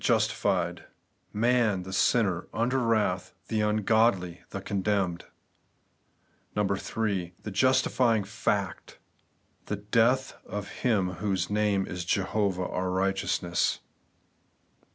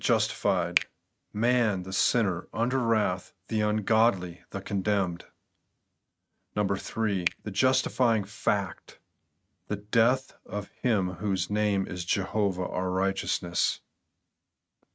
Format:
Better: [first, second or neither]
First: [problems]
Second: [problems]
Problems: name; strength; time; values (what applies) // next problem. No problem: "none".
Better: first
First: none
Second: noise reduction (neural mask model RNNoise)